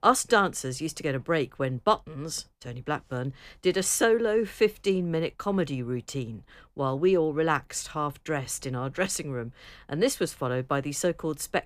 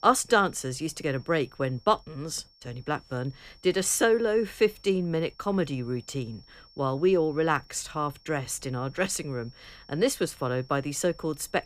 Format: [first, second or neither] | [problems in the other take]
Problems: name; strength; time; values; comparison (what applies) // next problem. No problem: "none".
first | high-pitched whine; faint; throughout; 5.5 kHz, 25 dB below the speech